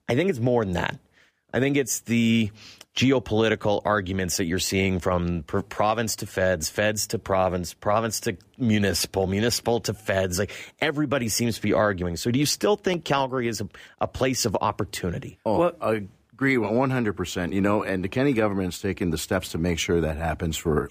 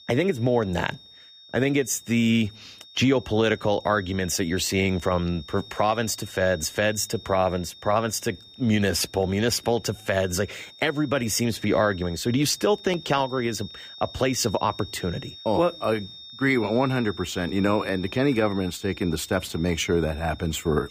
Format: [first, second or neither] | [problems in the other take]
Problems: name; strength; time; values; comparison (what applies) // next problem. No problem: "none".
first | high-pitched whine; noticeable; throughout; 3.5 kHz, 20 dB below the speech